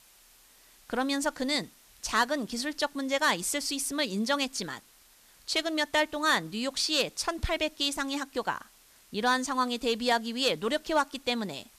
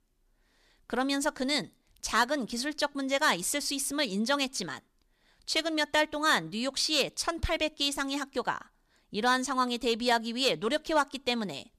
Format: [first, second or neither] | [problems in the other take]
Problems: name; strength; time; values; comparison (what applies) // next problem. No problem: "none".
second | hiss; faint; throughout; 25 dB below the speech